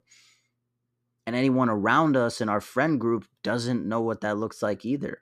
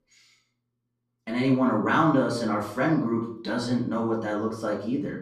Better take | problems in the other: first | room echo; slight; dies away in 0.4 s // off-mic speech; far

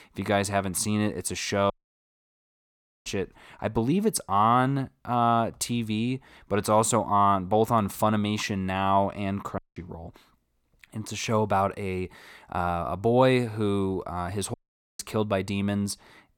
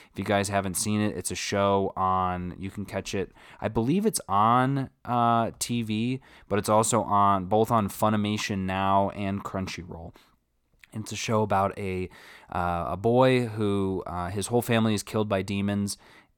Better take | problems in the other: second | audio cutting out; at 1.5 s for 1.5 s, at 9.5 s and at 15 s

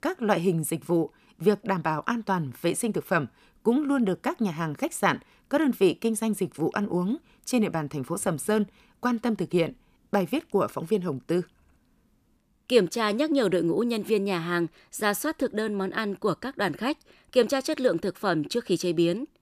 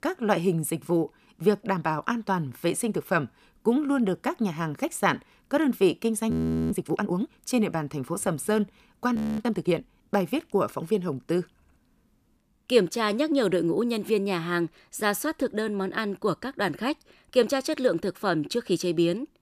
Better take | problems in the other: first | audio freezing; at 6.5 s and at 9 s

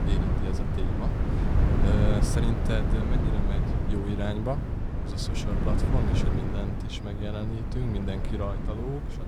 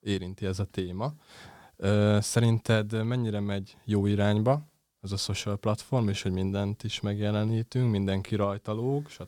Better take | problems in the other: second | wind noise on the microphone; heavy; as loud as the speech

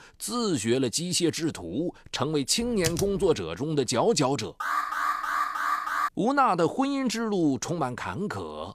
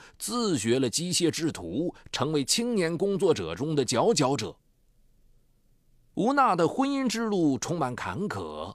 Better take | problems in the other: second | keyboard typing; noticeable; at 2.5 s; peak 5 dB below the speech // alarm; noticeable; from 4.5 to 6 s; peak level with the speech

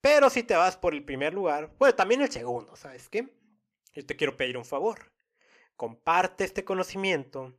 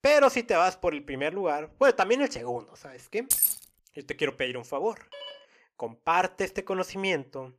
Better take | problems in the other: first | jangling keys; loud; at 3.5 s; peak 5 dB above the speech // phone ringing; faint; at 5 s; peak 15 dB below the speech

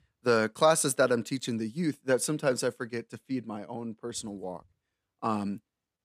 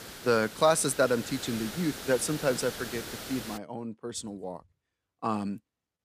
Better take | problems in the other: first | hiss; loud; until 3.5 s; 10 dB below the speech

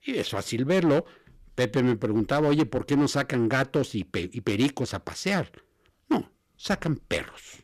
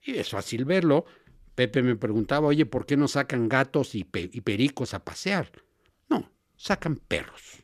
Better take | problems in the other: second | distortion; slight; 4% of the sound clipped

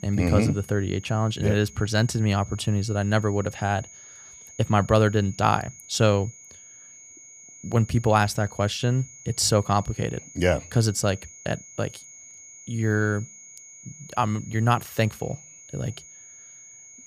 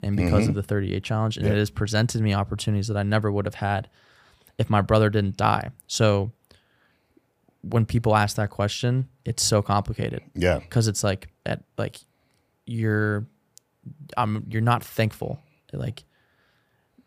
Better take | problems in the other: second | high-pitched whine; noticeable; throughout; 6.5 kHz, 20 dB below the speech

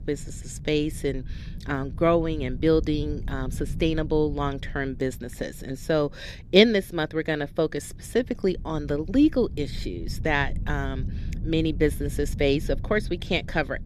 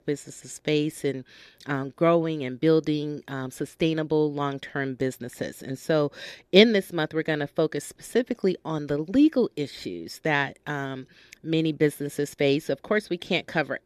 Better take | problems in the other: second | low rumble; faint; throughout; 25 dB below the speech

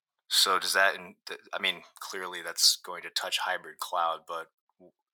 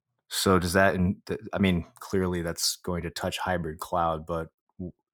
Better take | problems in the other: second | thin; very; fading below 900 Hz

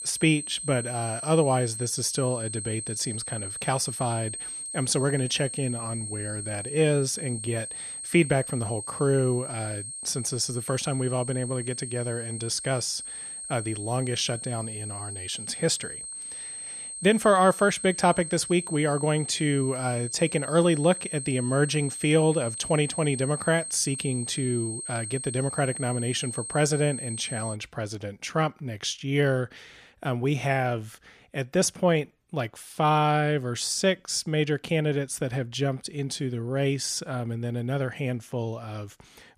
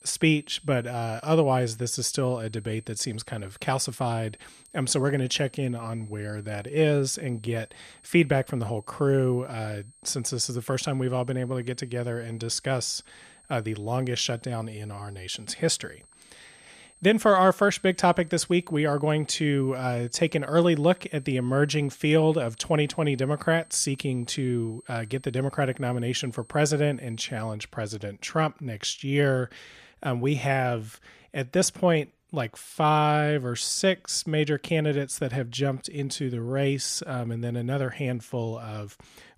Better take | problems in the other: second | high-pitched whine; loud; until 28 s; 8.5 kHz, 7 dB below the speech; faint in the second

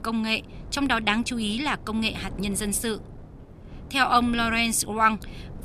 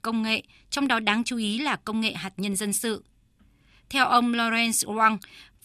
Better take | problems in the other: second | wind noise on the microphone; occasional gusts; 25 dB below the speech

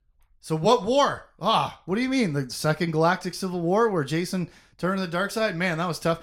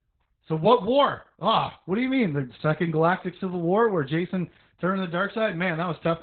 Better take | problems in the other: first | garbled, watery; badly; nothing above 4 kHz

